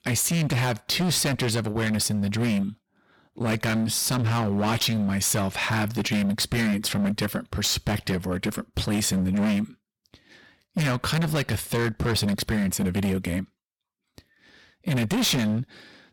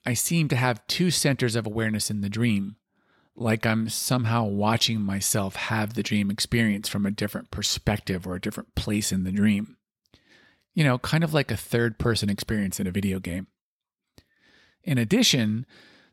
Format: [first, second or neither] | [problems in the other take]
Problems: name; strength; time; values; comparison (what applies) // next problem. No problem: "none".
second | distortion; heavy; 20% of the sound clipped